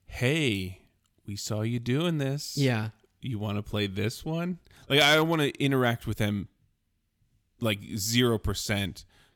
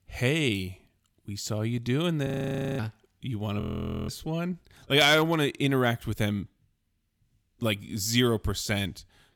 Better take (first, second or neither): first